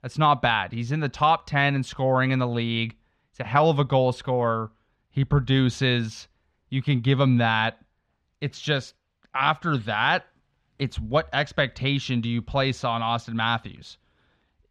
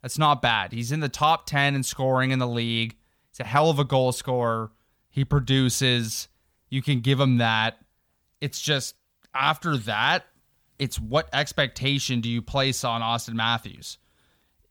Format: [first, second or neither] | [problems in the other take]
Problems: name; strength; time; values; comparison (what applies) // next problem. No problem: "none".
second | muffled; slightly; fading above 3 kHz